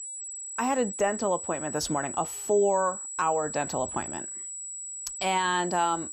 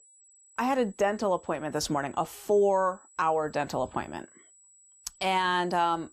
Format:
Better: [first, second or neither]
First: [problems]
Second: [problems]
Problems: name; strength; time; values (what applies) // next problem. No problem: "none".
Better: second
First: high-pitched whine; loud; throughout; 8 kHz, 7 dB below the speech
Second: high-pitched whine; faint; throughout; 8 kHz, 25 dB below the speech